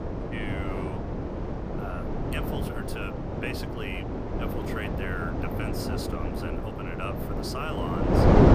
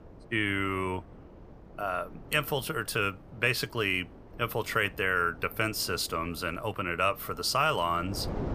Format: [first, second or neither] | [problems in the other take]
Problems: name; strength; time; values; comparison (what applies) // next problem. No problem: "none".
second | wind noise on the microphone; heavy; 4 dB above the speech; occasional gusts in the second